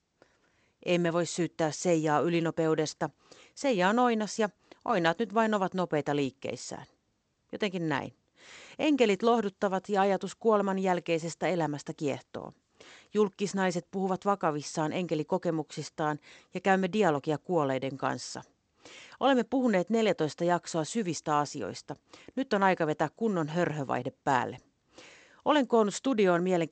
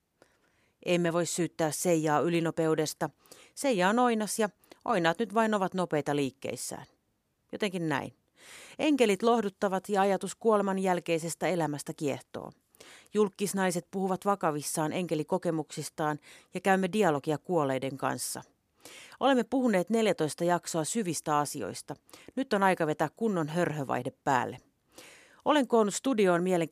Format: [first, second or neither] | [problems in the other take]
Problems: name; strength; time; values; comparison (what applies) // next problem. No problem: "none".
second | garbled, watery; slightly; nothing above 8 kHz